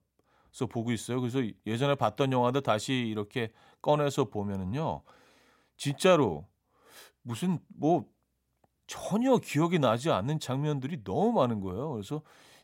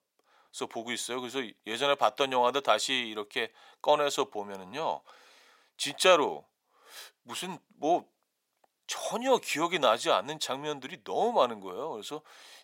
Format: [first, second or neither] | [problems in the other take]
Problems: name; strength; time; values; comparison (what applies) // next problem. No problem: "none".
first | thin; somewhat; fading below 500 Hz